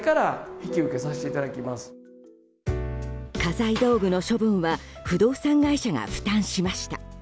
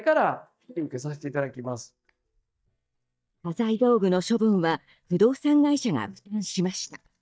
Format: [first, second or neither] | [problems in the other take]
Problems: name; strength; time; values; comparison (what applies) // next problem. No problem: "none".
first | noise reduction (neural mask model DeepFilterNet 3)